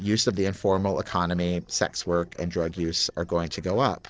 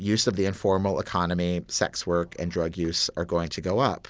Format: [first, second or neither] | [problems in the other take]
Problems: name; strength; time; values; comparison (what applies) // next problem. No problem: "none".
second | noise reduction (neural separator model SepFormer DNS4)